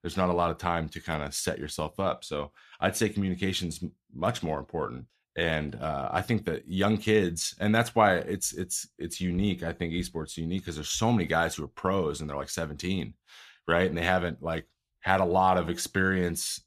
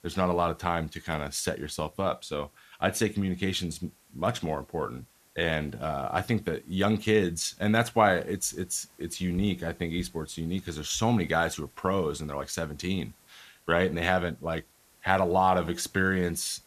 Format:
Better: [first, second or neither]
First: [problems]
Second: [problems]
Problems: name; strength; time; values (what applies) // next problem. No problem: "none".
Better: first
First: none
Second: hiss; faint; throughout; 30 dB below the speech